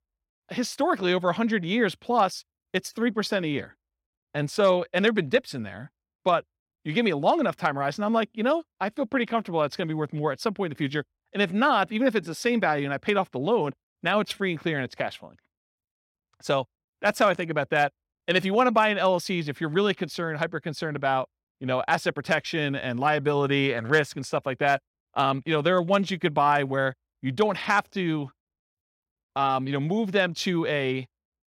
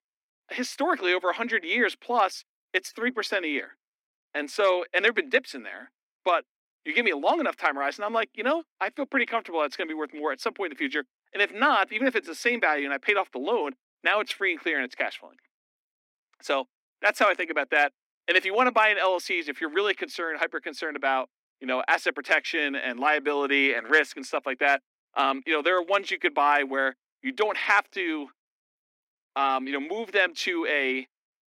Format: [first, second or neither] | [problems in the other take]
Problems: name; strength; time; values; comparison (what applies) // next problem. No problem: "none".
first | thin; very slightly; fading below 250 Hz